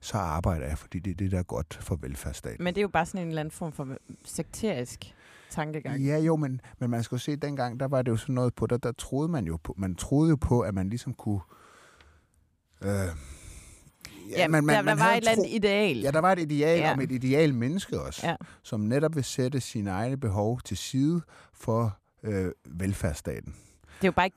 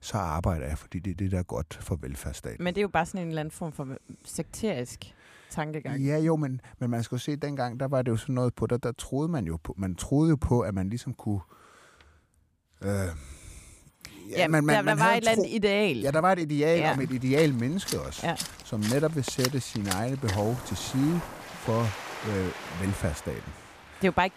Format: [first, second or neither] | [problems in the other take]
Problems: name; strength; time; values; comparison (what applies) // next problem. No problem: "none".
first | rain or running water; loud; from 17 s on; 9 dB below the speech